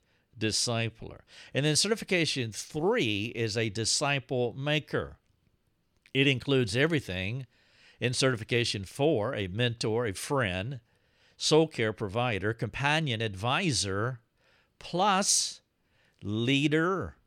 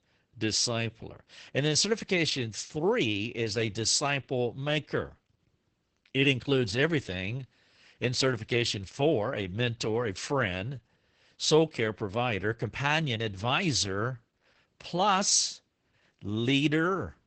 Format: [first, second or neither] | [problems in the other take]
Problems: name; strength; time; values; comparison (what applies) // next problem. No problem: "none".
first | garbled, watery; badly; nothing above 8 kHz